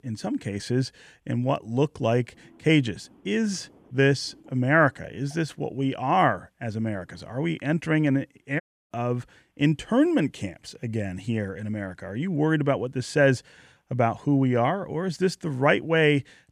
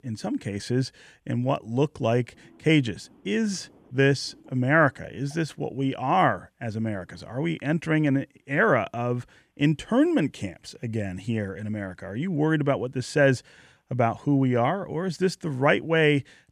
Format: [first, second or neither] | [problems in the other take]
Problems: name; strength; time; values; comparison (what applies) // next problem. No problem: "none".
second | audio cutting out; at 8.5 s